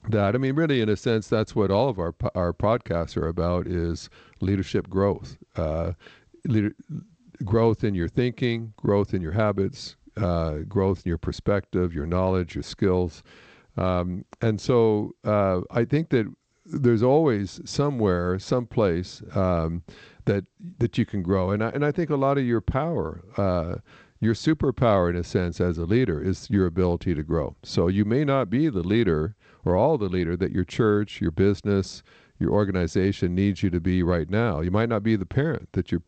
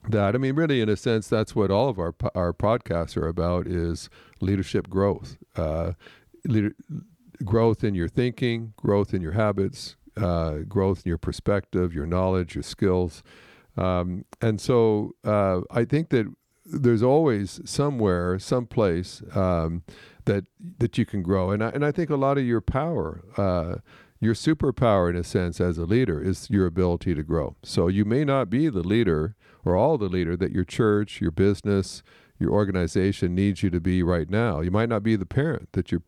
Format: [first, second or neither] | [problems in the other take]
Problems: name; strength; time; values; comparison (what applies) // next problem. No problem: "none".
second | garbled, watery; slightly; nothing above 7.5 kHz